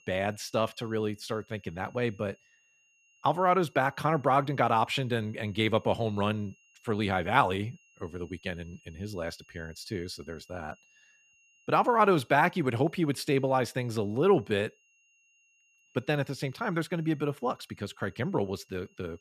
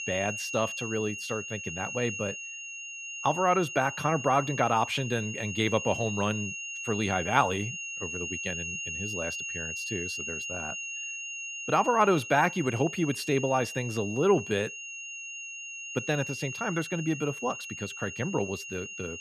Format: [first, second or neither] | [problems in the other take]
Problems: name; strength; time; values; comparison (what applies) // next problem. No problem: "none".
first | high-pitched whine; loud; throughout; 3 kHz, 6 dB below the speech; faint in the first